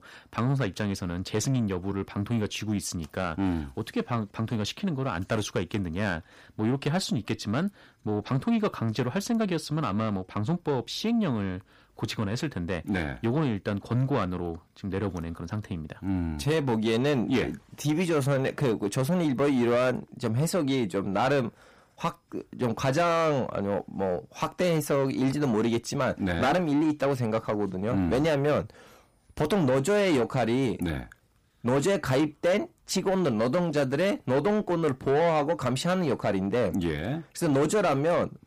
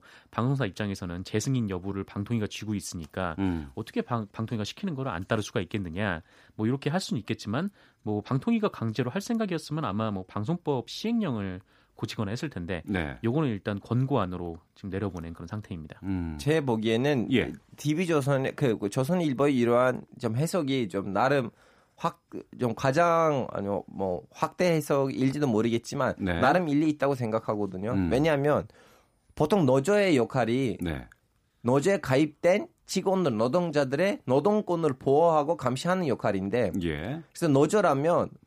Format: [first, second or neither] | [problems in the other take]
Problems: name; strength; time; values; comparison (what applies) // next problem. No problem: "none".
second | distortion; slight; 10 dB below the speech